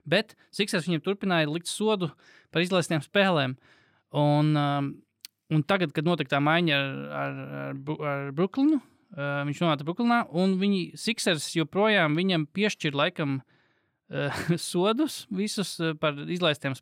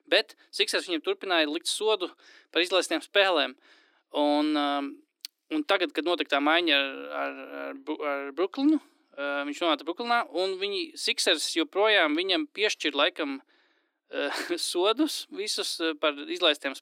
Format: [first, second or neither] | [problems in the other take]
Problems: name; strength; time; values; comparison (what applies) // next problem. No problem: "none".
first | thin; somewhat; fading below 300 Hz